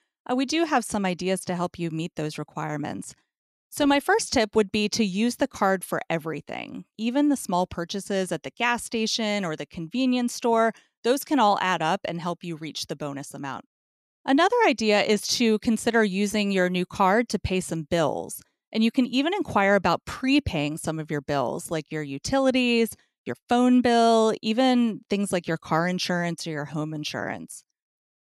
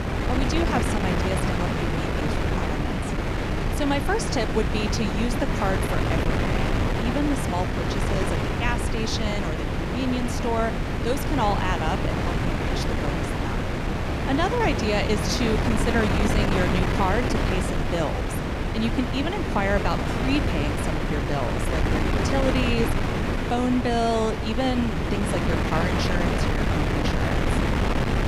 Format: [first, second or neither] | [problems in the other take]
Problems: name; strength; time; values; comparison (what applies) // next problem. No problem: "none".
first | wind noise on the microphone; heavy; as loud as the speech